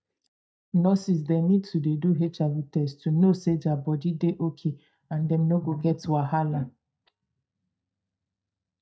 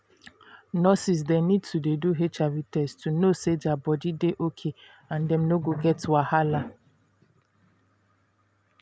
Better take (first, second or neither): second